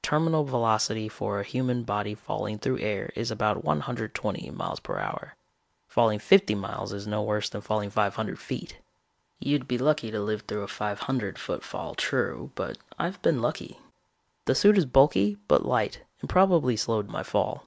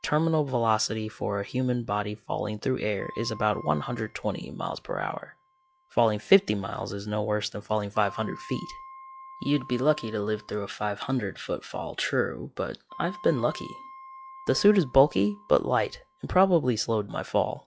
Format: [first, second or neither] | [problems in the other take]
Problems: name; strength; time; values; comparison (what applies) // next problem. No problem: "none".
first | noise reduction (classical method log-MMSE)